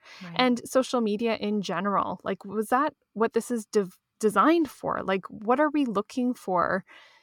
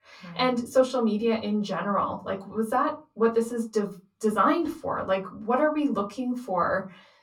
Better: first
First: none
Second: off-mic speech; far // room echo; very slight; dies away in 0.2 s

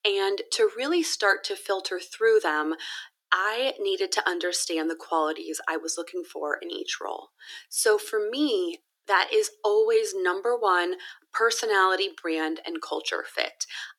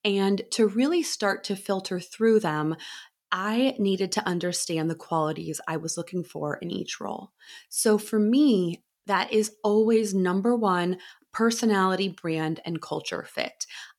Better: second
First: thin; very; fading below 300 Hz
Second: none

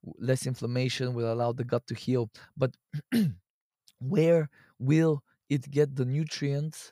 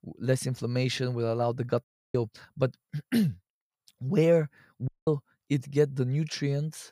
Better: first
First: none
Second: audio cutting out; at 2 s and at 5 s

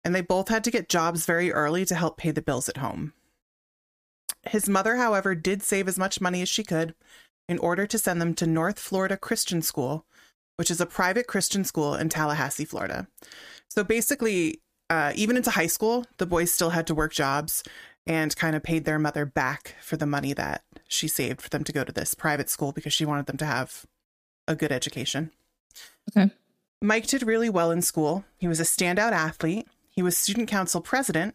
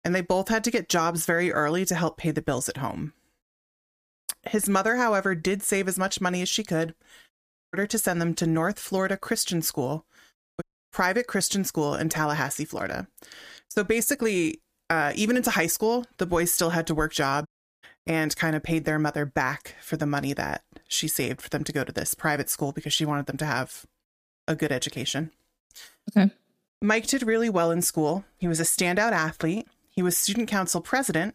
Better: first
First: none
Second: audio cutting out; at 7.5 s, at 11 s and at 17 s

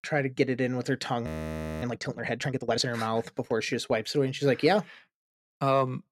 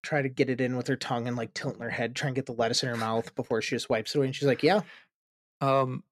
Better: second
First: audio freezing; at 1.5 s for 0.5 s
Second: none

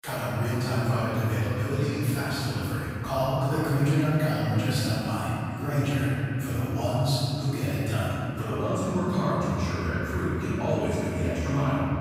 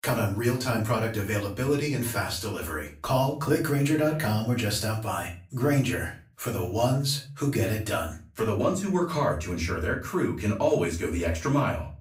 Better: second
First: room echo; strong; dies away in 3 s // off-mic speech; far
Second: room echo; slight; dies away in 0.3 s // off-mic speech; far

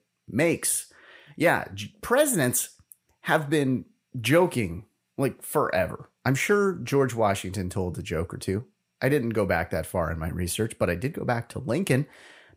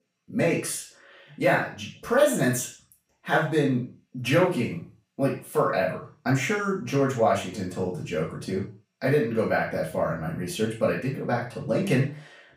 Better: first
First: none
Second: room echo; noticeable; dies away in 0.3 s // off-mic speech; far

